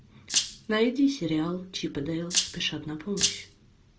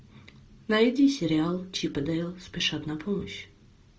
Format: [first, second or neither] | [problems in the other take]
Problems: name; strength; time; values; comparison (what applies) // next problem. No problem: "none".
second | background sound (Rattle (instrument)); 1 dB below the speech